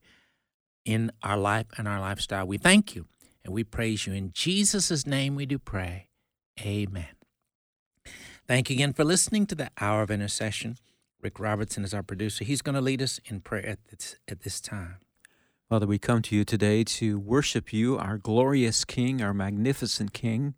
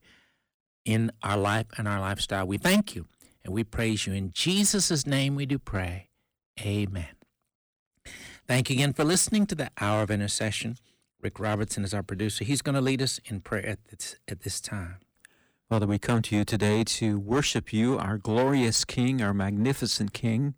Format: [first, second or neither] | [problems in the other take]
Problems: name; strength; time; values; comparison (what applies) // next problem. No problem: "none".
first | distortion; slight; 4% of the sound clipped